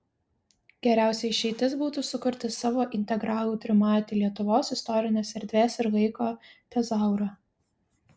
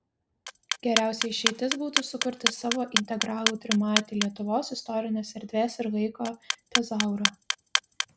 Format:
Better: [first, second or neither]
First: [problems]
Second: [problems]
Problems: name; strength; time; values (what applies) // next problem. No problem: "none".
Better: first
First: none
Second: background sound (Clock); 1 dB below the speech